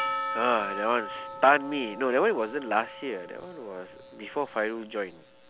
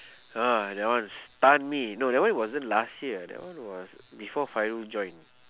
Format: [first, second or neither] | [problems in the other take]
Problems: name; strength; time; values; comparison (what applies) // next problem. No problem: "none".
second | background sound (Percussion); 9 dB below the speech